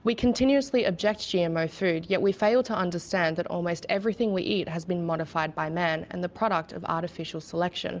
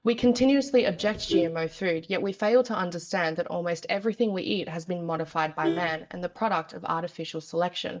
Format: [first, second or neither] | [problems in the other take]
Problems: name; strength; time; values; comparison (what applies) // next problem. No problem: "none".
first | noise reduction (neural mask model DeepFilterNet 3)